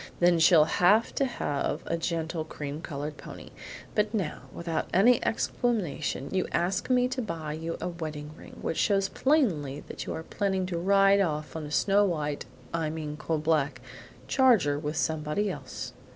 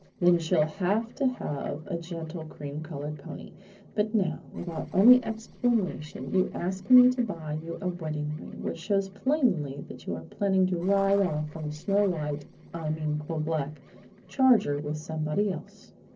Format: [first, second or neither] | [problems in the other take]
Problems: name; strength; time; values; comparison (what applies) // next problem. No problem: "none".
first | noise reduction (neural separator model SepFormer DNS4)